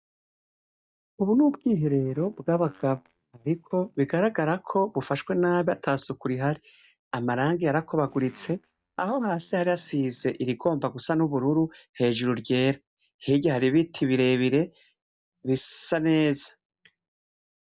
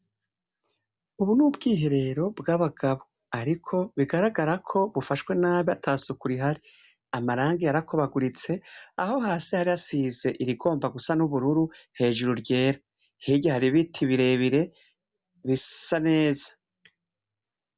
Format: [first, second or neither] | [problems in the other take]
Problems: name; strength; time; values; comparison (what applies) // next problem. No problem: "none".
second | noise reduction (neural mask model DeepFilterNet 3)